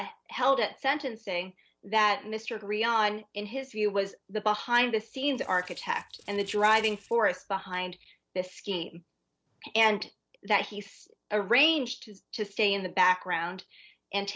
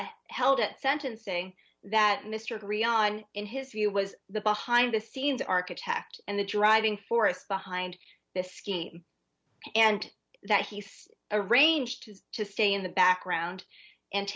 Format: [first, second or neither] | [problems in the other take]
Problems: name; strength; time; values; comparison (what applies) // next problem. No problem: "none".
second | noise reduction (neural separator model SepFormer DNS4)